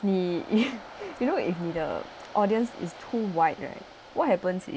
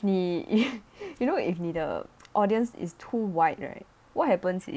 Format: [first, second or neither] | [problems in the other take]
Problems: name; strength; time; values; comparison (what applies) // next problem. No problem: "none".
second | background sound (Waves, surf); 18 dB below the speech